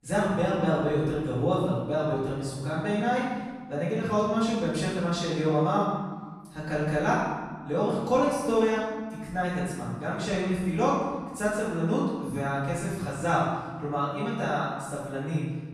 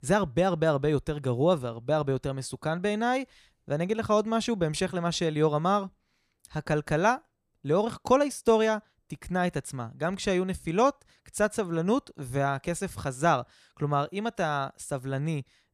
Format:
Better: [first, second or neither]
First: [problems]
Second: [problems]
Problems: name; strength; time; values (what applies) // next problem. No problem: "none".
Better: second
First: off-mic speech; far // room echo; strong; dies away in 1.3 s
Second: none